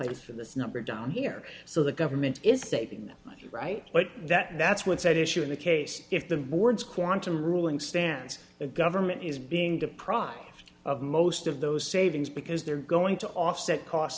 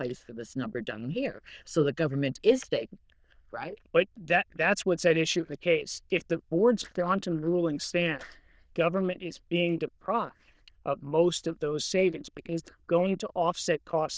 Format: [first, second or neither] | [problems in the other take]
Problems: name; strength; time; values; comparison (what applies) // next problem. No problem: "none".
first | noise reduction (neural diffusion model UNIVERSE++)